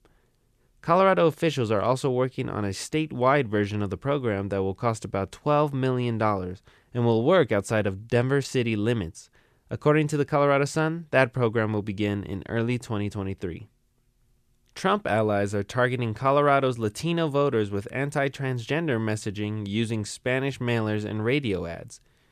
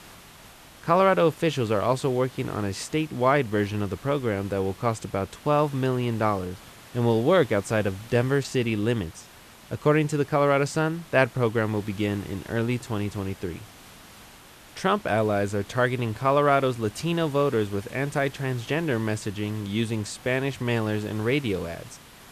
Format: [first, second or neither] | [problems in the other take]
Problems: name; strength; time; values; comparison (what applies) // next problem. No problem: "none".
first | hiss; faint; throughout; 20 dB below the speech